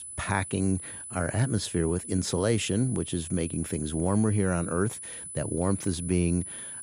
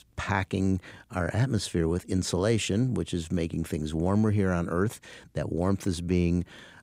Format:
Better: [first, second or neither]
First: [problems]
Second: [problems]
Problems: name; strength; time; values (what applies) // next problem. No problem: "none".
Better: second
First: high-pitched whine; loud; throughout; 10 kHz, 9 dB below the speech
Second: none